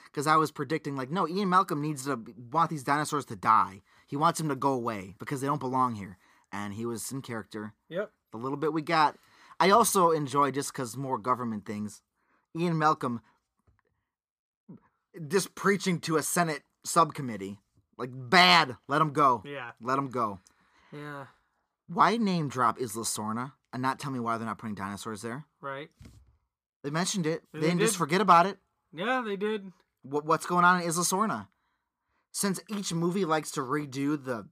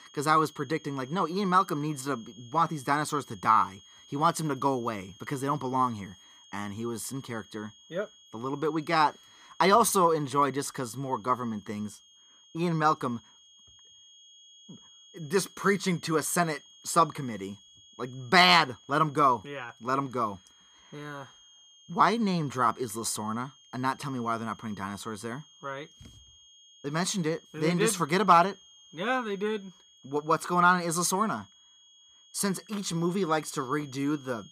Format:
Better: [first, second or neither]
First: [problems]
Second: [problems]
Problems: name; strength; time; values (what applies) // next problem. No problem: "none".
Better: first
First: none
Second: high-pitched whine; faint; throughout; 3.5 kHz, 25 dB below the speech